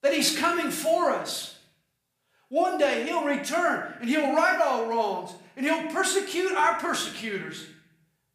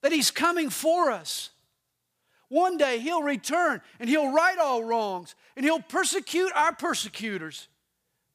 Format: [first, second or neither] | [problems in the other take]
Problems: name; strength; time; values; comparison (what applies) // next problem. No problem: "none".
second | room echo; slight; dies away in 0.7 s // off-mic speech; somewhat distant